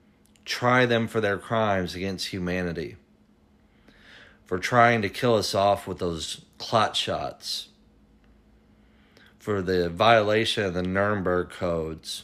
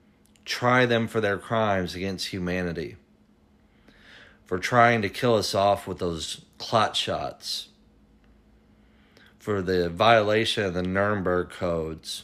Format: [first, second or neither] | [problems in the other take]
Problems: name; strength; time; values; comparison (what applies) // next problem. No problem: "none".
neither | none